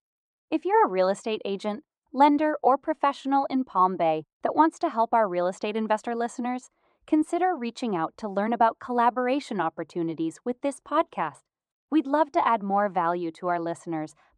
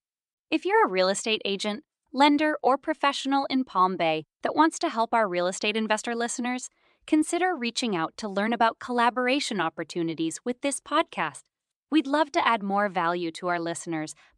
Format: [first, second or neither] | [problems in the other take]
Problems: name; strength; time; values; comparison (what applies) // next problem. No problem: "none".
second | muffled; slightly; fading above 1.5 kHz